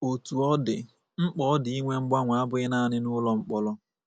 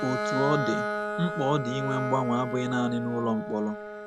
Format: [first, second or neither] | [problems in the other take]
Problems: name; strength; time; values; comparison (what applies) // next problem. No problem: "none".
first | background sound (Bowed string instrument); 4 dB below the speech